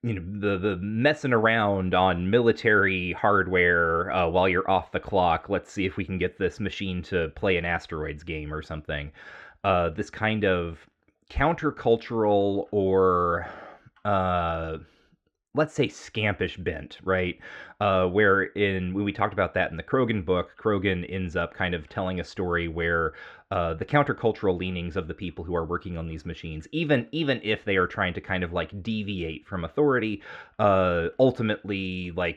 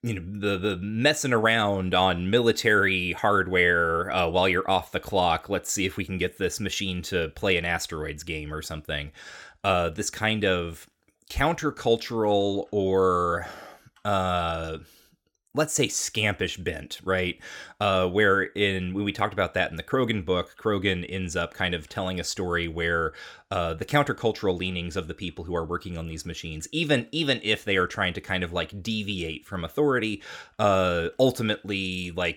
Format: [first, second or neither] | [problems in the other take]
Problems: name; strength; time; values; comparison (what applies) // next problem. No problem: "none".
second | muffled; very; fading above 2.5 kHz